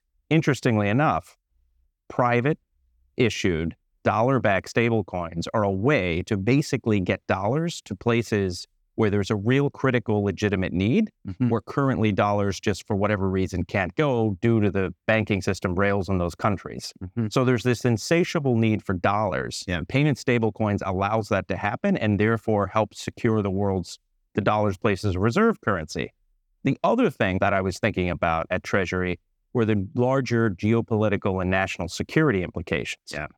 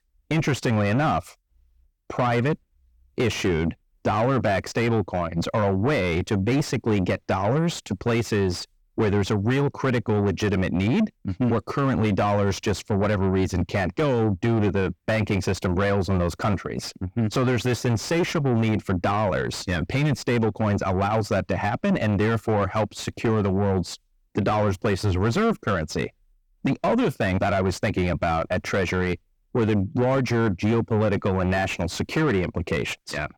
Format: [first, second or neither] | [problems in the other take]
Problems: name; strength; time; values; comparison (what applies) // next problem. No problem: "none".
first | distortion; heavy; 7 dB below the speech